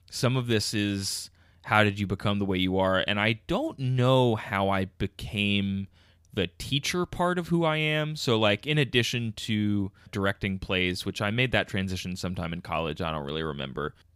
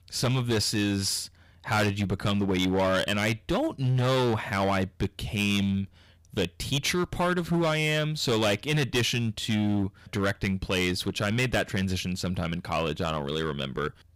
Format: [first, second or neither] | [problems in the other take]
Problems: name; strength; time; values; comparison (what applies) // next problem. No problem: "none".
first | distortion; heavy; 11% of the sound clipped